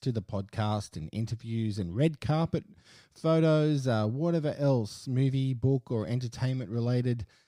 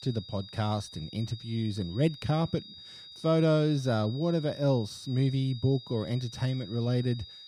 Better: first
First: none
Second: high-pitched whine; noticeable; throughout; 4 kHz, 15 dB below the speech

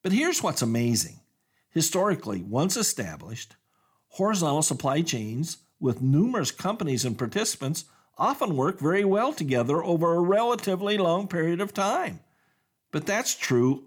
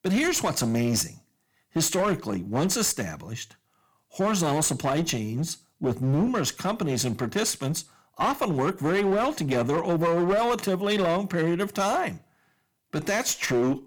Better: first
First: none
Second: distortion; slight; 12% of the sound clipped

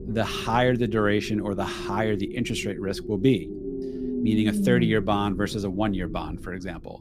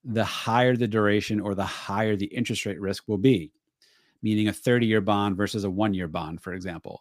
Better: second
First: low rumble; loud; throughout; 10 dB below the speech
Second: none

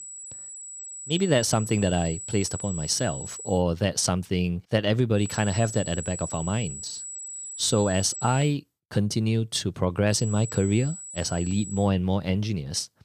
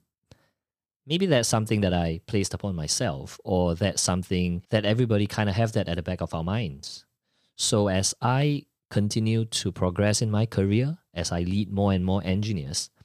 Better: second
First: high-pitched whine; loud; until 3.5 s, from 5 to 8.5 s and from 10 to 12 s; 8 kHz, 10 dB below the speech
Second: none

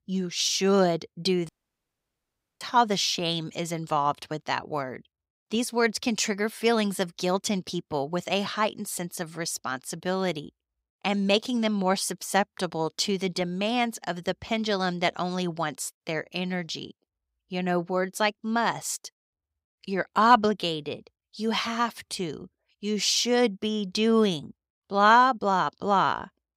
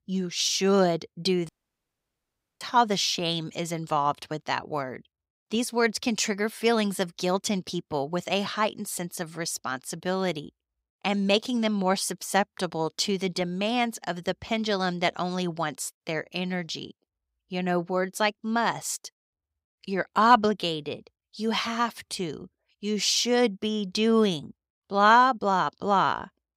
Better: neither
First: audio cutting out; at 1.5 s for 1 s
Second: audio cutting out; at 1.5 s for 1 s

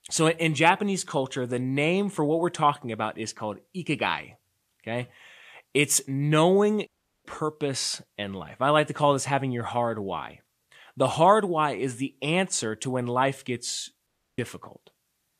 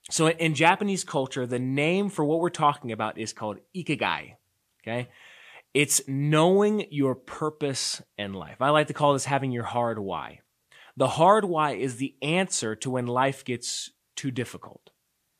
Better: second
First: audio cutting out; at 7 s and at 14 s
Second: none

